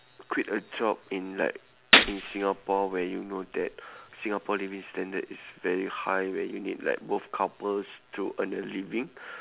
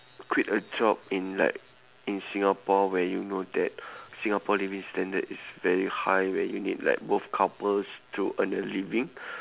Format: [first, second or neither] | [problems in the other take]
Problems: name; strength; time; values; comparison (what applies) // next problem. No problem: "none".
second | background sound (Gunshot, gunfire); 5 dB above the speech